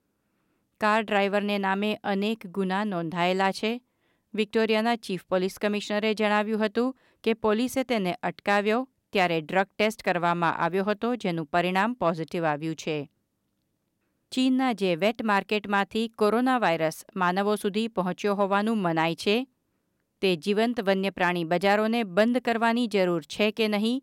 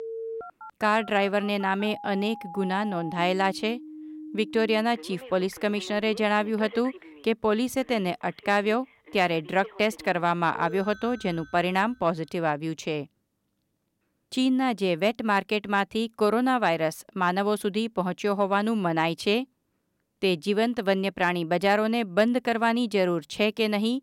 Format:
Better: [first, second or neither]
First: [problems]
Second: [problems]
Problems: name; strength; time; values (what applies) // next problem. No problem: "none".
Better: first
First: none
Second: alarms or sirens; noticeable; until 12 s; 15 dB below the speech